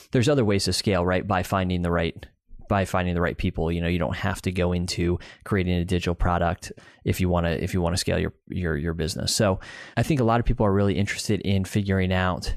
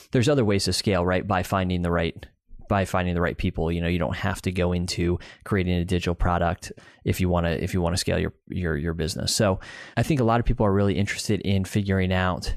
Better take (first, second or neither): neither